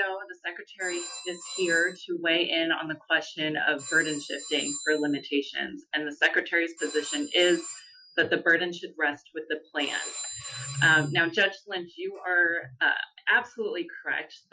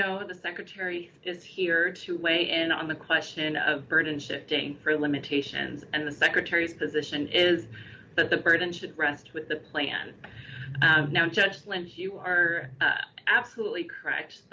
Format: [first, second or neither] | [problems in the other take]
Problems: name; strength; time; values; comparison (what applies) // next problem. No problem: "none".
second | noise reduction (classical method Wiener filter)